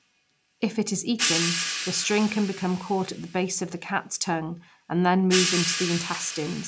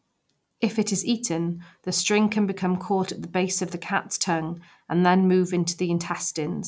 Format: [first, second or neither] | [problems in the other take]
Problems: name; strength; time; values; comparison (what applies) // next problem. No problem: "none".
second | background sound (Hi-hat); 5 dB below the speech